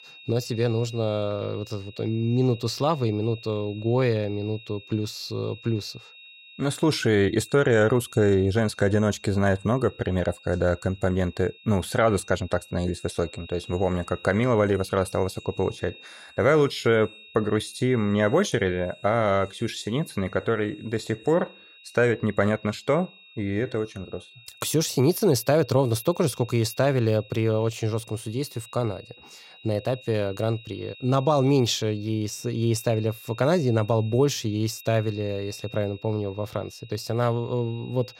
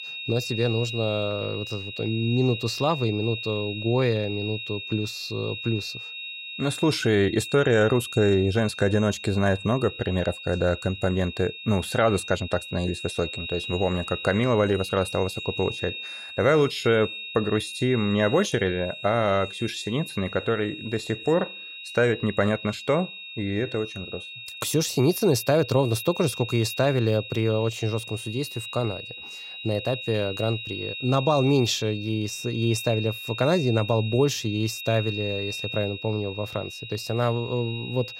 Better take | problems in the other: first | high-pitched whine; loud; throughout; 3.5 kHz, 9 dB below the speech; faint in the first

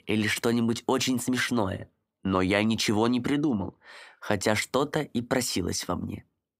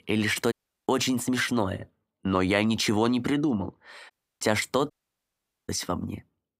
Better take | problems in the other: first | audio cutting out; at 0.5 s, at 4 s and at 5 s for 1 s

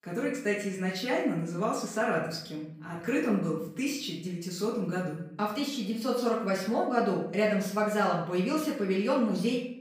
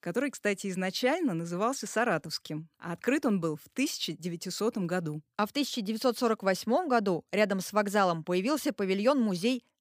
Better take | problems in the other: second | off-mic speech; far // room echo; noticeable; dies away in 0.6 s

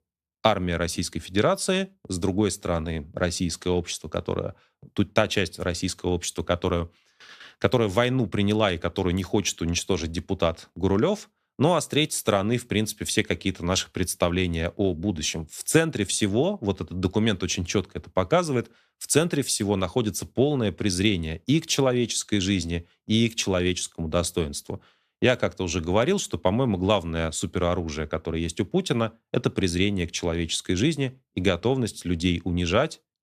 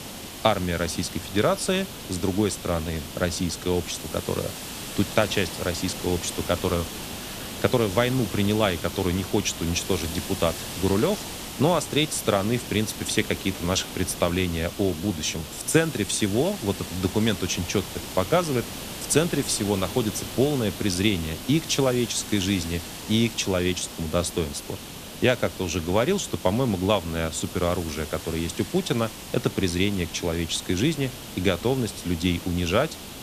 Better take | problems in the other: first | hiss; loud; throughout; 10 dB below the speech

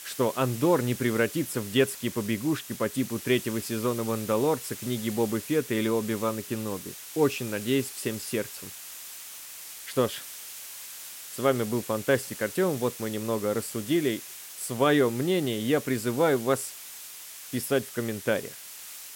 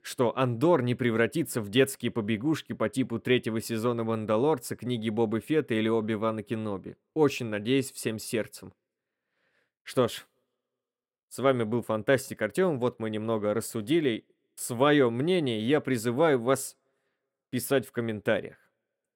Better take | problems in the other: second | hiss; noticeable; throughout; 10 dB below the speech

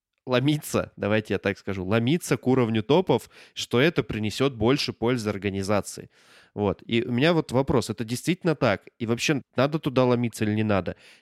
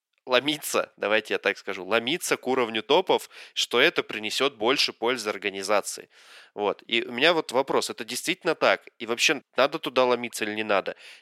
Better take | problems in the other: first | thin; somewhat; fading below 500 Hz

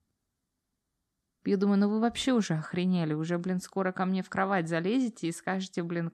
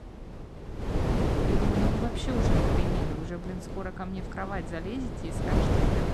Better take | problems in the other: first | wind noise on the microphone; heavy; 5 dB above the speech

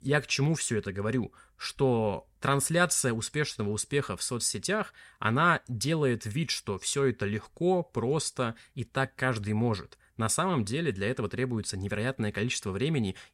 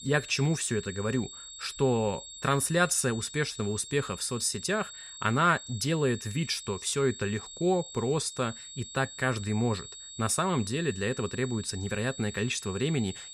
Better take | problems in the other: first | high-pitched whine; noticeable; throughout; 3.5 kHz, 15 dB below the speech

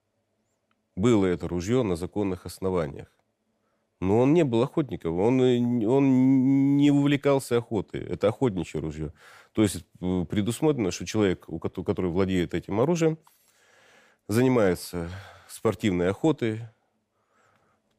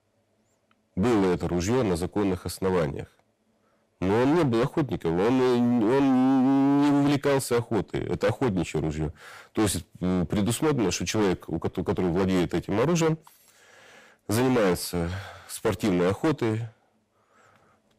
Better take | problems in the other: first | distortion; heavy; 17% of the sound clipped

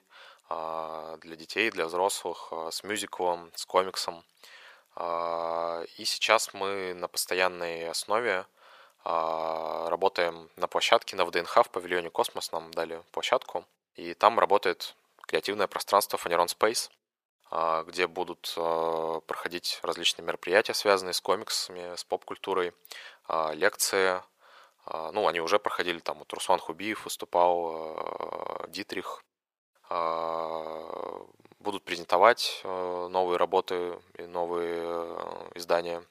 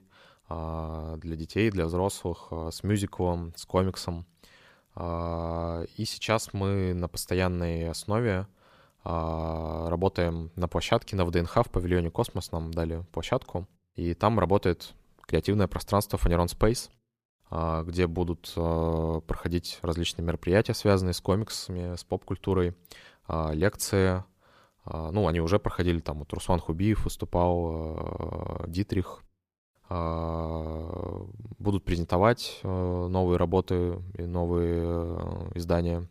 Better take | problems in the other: second | thin; very; fading below 650 Hz

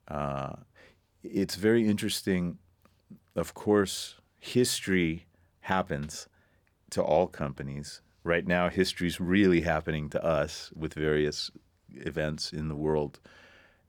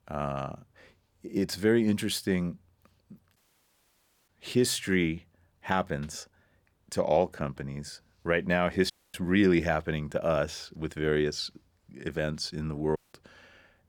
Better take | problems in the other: first | audio cutting out; at 3.5 s for 1 s, at 9 s and at 13 s

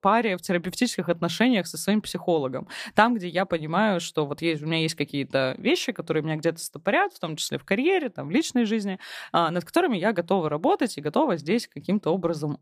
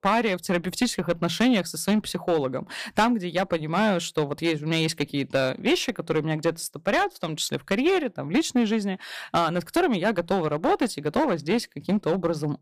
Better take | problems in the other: first | distortion; slight; 5% of the sound clipped

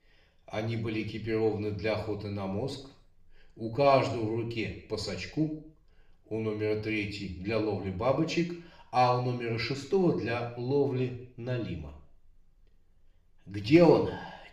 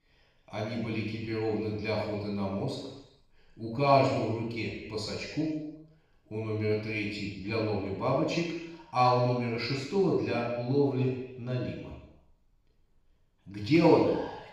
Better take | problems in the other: first | room echo; strong; dies away in 0.9 s; slight in the first // off-mic speech; far; somewhat distant in the first

